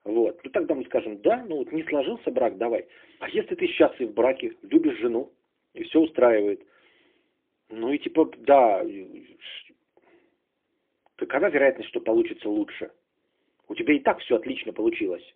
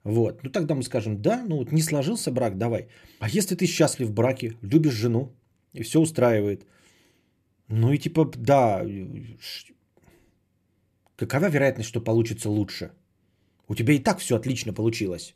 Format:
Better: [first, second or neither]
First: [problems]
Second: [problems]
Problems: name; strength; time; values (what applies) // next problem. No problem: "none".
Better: second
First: phone-call audio; poor line; nothing above 3.5 kHz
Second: none